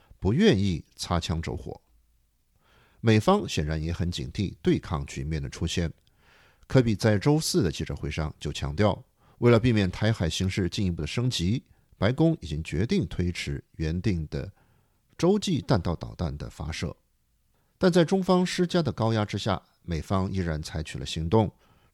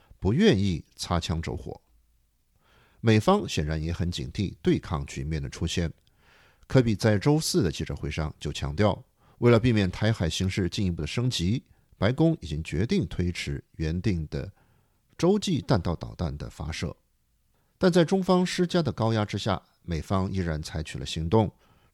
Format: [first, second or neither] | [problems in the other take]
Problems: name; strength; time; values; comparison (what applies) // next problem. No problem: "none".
neither | none